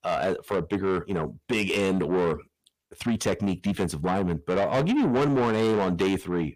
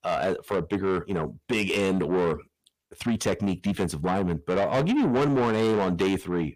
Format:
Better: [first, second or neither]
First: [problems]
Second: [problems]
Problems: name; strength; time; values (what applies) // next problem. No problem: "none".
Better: neither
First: distortion; heavy; 7 dB below the speech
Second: distortion; heavy; 7 dB below the speech